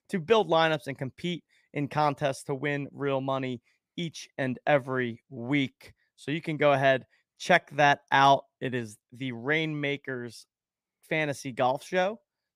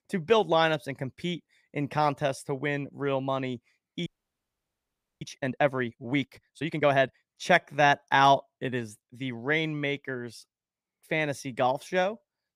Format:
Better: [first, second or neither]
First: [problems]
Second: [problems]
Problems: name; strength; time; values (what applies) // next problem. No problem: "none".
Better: first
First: none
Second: audio freezing; at 4 s for 1 s